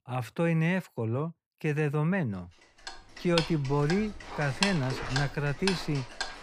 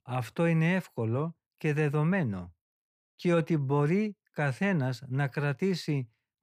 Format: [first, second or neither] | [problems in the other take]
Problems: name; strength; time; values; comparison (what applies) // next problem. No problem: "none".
second | household noises; loud; from 3 s on; 5 dB below the speech